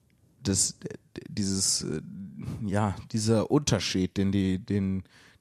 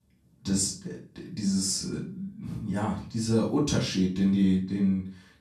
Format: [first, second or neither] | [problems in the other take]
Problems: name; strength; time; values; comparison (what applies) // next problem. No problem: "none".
first | off-mic speech; far // room echo; slight; dies away in 0.3 s